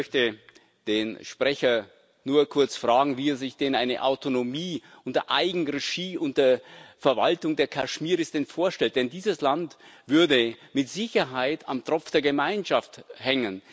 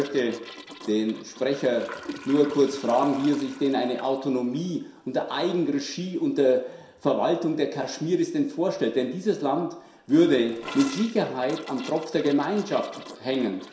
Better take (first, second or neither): first